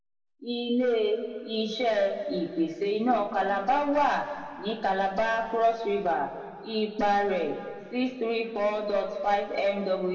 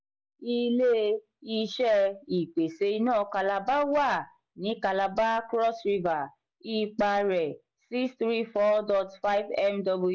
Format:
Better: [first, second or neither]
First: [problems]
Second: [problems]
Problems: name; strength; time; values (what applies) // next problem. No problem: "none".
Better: second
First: room echo; dies away in 1.9 s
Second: none